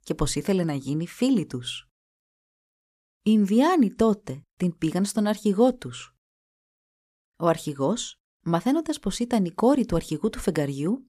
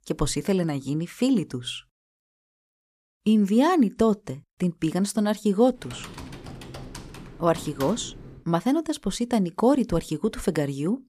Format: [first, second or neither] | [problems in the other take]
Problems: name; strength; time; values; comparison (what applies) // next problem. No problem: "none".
first | keyboard typing; faint; from 6 to 8.5 s; peak 15 dB below the speech